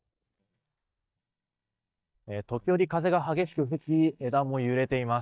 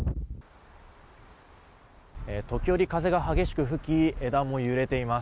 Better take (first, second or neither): second